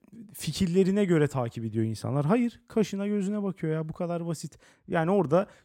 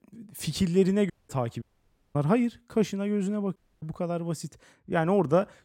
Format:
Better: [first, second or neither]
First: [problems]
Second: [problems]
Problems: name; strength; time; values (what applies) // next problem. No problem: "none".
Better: first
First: none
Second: audio cutting out; at 1 s, at 1.5 s for 0.5 s and at 3.5 s